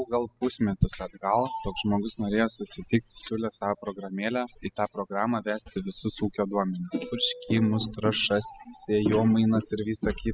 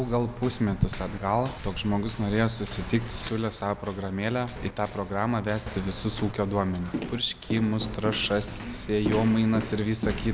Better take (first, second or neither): second